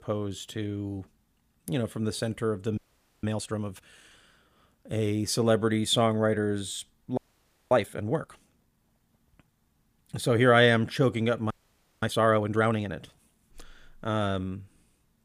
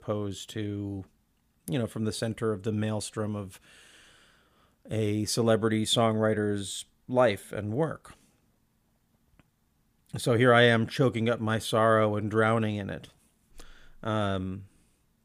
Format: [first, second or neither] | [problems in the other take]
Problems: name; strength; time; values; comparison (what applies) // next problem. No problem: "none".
second | audio freezing; at 3 s, at 7 s for 0.5 s and at 12 s for 0.5 s